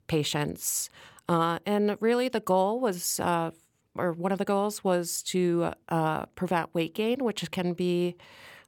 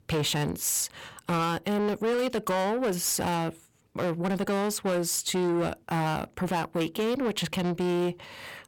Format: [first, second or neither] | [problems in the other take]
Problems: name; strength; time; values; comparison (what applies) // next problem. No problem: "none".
first | distortion; heavy; 7 dB below the speech